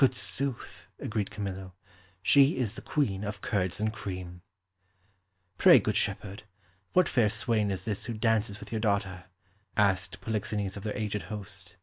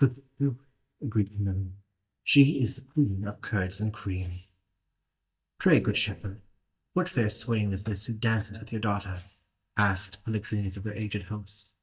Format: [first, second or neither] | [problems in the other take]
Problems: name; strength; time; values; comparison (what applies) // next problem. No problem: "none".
first | noise reduction (neural mask model DeepFilterNet 3)